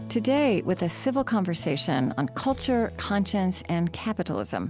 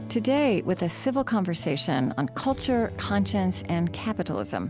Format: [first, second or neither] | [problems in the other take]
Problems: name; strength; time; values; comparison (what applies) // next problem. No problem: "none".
first | background sound (Bowed string instrument); 15 dB below the speech